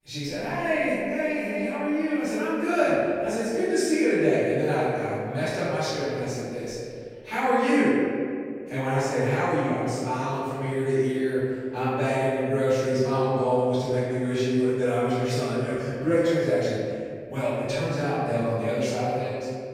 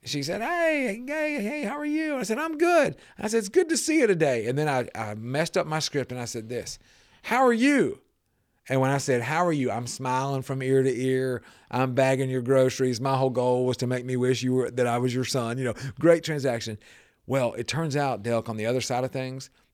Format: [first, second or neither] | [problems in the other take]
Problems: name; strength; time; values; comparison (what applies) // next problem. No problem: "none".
second | off-mic speech; far // room echo; strong; dies away in 2.2 s